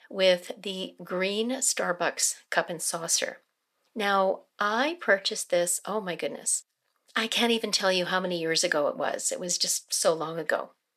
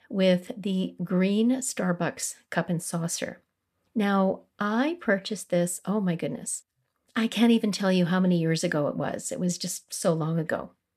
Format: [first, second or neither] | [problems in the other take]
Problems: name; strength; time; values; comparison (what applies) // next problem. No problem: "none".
second | thin; somewhat; fading below 500 Hz